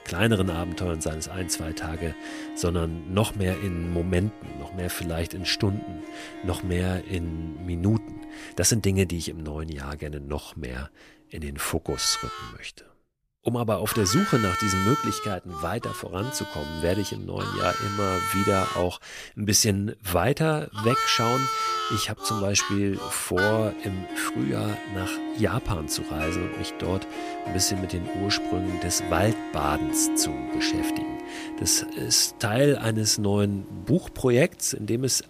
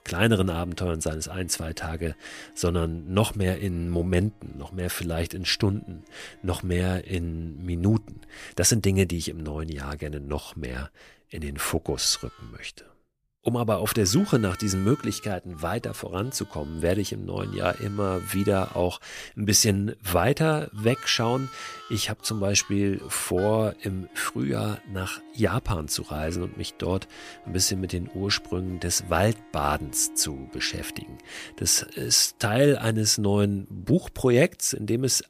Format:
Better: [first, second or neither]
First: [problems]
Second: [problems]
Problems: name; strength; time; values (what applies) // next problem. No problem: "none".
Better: second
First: background music; loud; throughout; 6 dB below the speech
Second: background music; faint; throughout; 20 dB below the speech